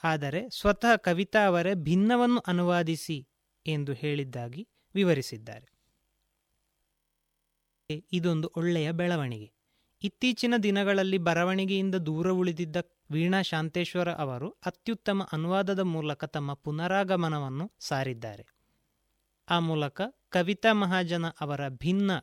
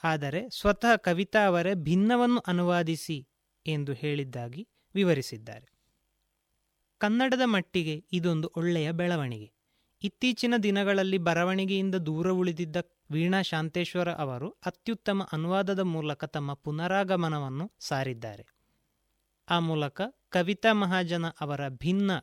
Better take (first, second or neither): second